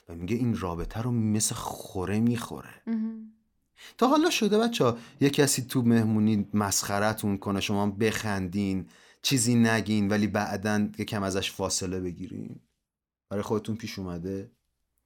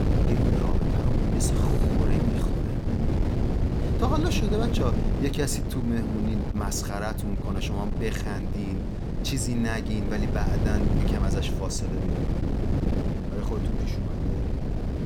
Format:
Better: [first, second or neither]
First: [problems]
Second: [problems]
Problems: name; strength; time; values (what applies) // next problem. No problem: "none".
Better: first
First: none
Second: wind noise on the microphone; heavy; 1 dB below the speech